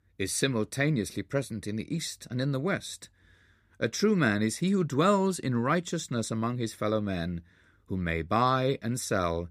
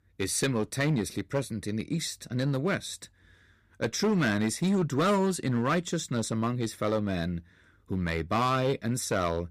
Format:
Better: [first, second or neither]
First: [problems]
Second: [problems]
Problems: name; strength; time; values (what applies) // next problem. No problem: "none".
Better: first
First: none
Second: distortion; slight; 6% of the sound clipped